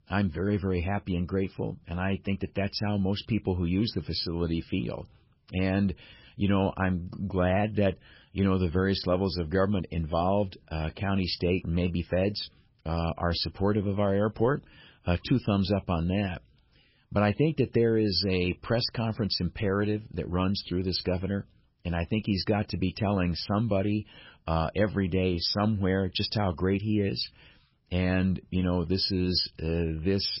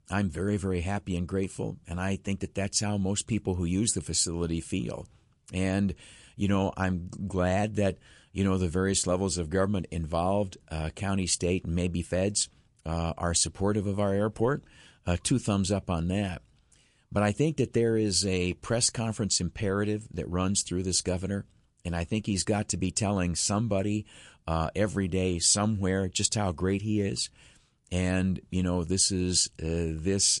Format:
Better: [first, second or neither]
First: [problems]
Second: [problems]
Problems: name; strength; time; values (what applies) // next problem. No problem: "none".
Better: second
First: garbled, watery; badly; nothing above 5.5 kHz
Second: garbled, watery; slightly; nothing above 9 kHz